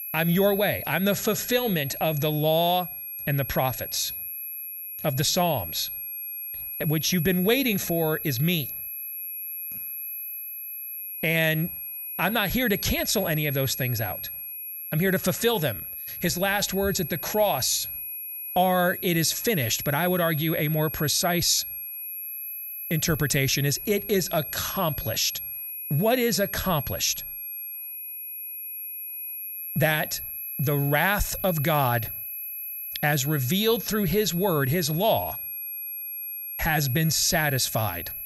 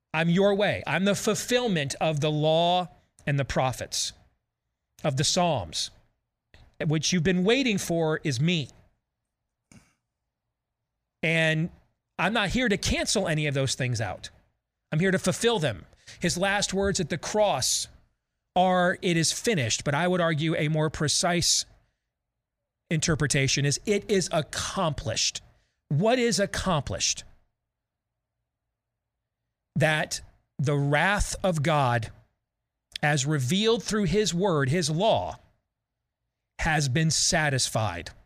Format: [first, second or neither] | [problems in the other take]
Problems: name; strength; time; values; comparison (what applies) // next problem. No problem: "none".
second | high-pitched whine; loud; throughout; 11.5 kHz, 7 dB below the speech